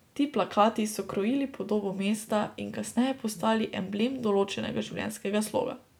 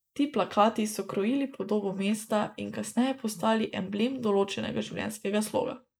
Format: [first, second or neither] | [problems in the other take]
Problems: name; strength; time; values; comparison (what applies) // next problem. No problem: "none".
first | noise reduction (neural mask model Resemble Enhance denoiser)